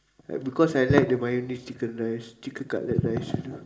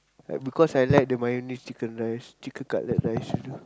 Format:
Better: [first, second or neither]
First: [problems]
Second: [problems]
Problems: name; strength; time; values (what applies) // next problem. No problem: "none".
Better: second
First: room echo; dies away in 1.5 s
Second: none